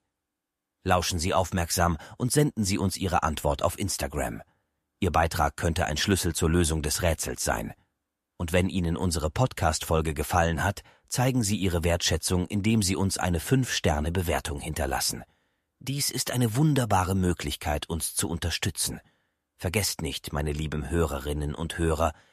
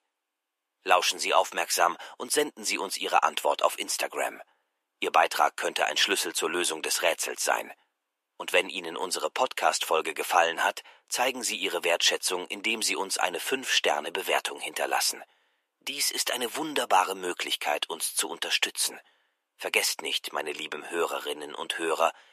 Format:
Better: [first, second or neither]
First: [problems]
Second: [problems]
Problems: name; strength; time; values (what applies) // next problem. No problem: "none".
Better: first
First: none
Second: thin; very; fading below 350 Hz